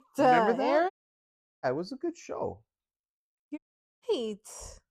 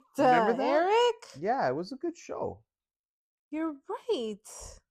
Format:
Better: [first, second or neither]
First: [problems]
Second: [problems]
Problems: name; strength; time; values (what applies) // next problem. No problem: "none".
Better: second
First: audio cutting out; at 1 s for 0.5 s and at 3.5 s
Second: none